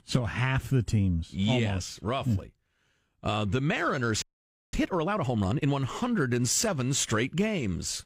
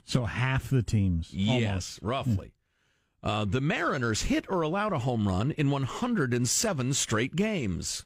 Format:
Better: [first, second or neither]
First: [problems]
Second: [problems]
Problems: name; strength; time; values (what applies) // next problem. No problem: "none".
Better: second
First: audio freezing; at 4 s for 0.5 s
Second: none